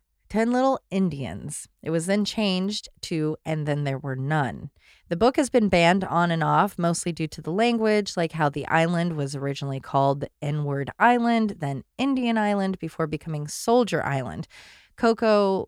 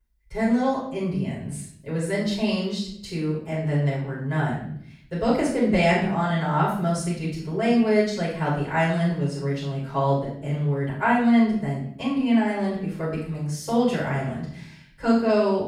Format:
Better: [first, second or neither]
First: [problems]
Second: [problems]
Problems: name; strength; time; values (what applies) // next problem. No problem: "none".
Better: first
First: none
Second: off-mic speech; far // room echo; noticeable; dies away in 0.6 s